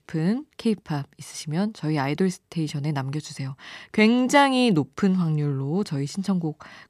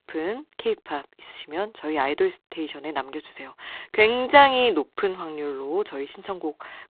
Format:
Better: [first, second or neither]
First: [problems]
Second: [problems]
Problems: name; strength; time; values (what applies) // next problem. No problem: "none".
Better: first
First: none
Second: phone-call audio; poor line